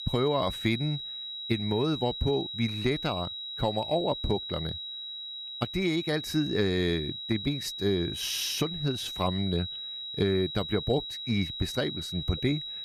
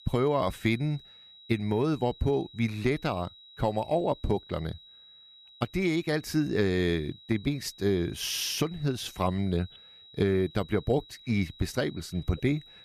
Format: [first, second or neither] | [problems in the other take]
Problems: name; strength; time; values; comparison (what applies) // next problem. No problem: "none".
second | high-pitched whine; loud; throughout; 4 kHz, 5 dB below the speech; faint in the second